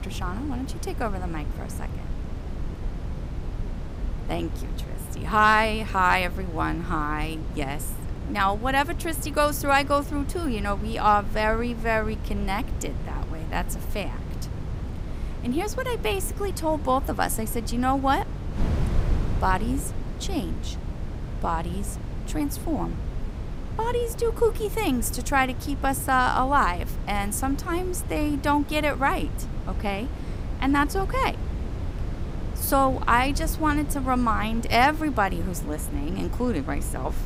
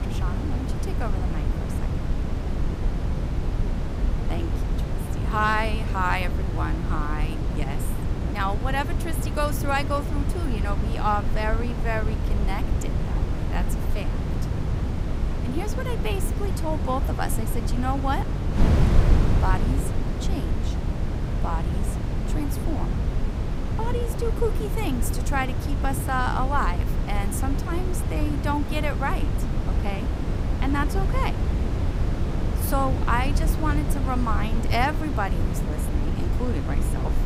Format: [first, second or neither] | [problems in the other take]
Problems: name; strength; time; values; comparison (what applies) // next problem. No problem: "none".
first | wind noise on the microphone; heavy; 7 dB below the speech; occasional gusts in the first